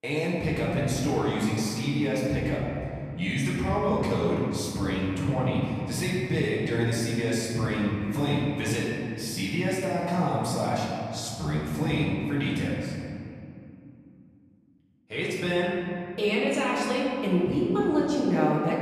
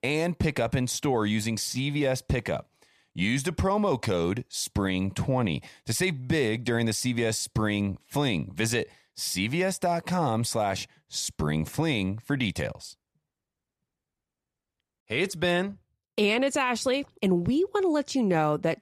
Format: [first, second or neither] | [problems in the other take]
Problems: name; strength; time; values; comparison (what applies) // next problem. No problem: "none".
second | off-mic speech; far // room echo; noticeable; dies away in 2.6 s